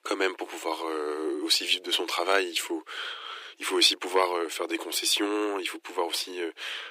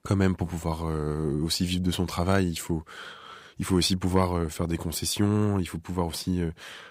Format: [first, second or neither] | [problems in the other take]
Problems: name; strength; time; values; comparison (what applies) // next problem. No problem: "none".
second | thin; very; fading below 300 Hz